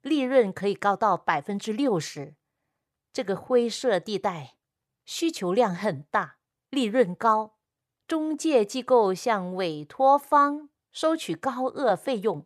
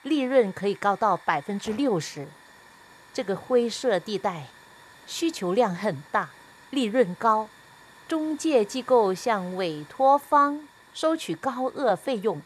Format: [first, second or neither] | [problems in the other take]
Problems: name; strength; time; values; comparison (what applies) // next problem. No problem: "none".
first | hiss; faint; throughout; 25 dB below the speech